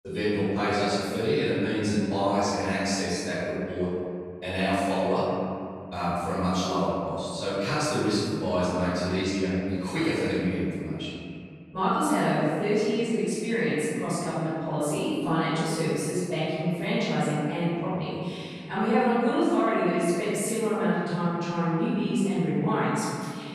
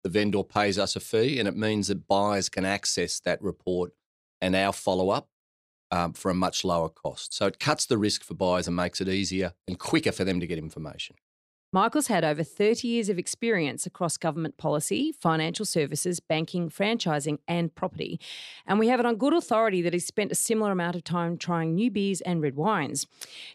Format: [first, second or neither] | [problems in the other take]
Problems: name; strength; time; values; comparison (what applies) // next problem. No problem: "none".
second | off-mic speech; far // room echo; strong; dies away in 2.3 s